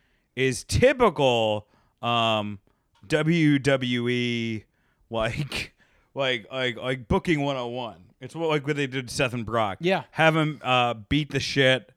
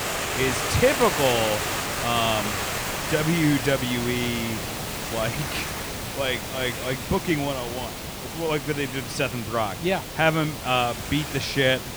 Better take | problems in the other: first | hiss; loud; throughout; 4 dB below the speech

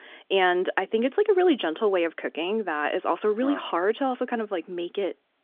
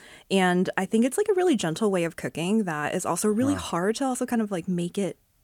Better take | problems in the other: second | phone-call audio; nothing above 3.5 kHz

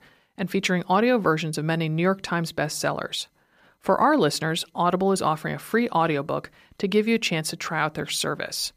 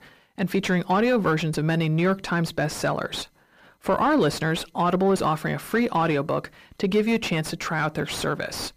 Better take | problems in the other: first | distortion; slight; 10 dB below the speech

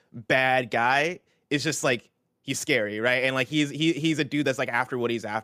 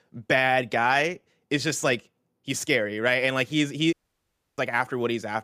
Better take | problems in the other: first | audio cutting out; at 4 s for 0.5 s

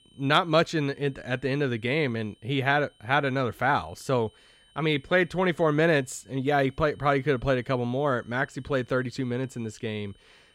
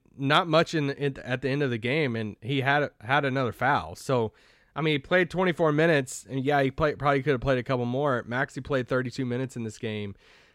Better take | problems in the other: second | high-pitched whine; faint; throughout; 3 kHz, 35 dB below the speech

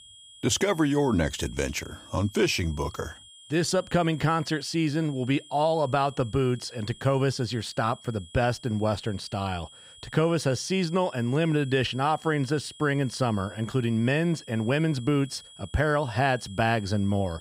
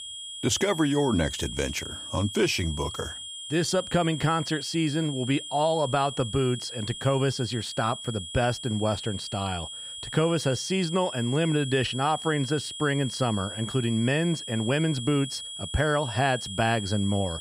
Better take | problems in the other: first | high-pitched whine; loud; throughout; 3.5 kHz, 8 dB below the speech; faint in the first

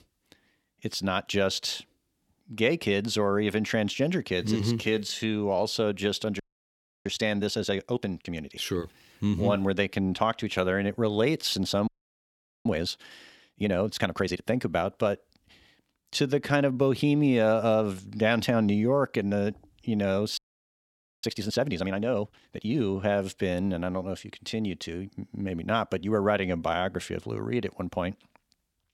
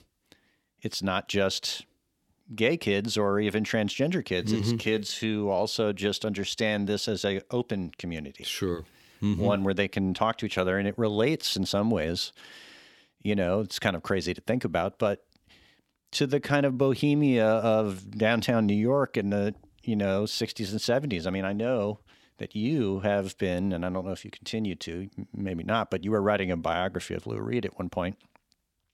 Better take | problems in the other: second | audio freezing; at 6.5 s for 0.5 s, at 12 s for 1 s and at 20 s for 1 s

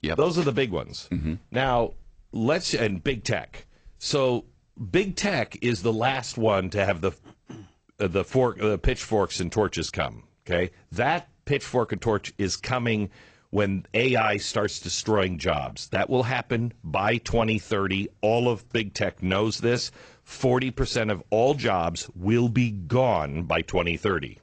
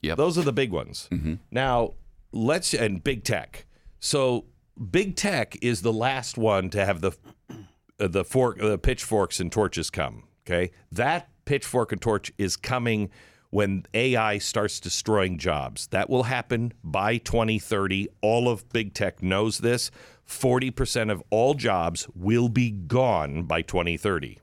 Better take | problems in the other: second | garbled, watery; slightly; nothing above 8 kHz

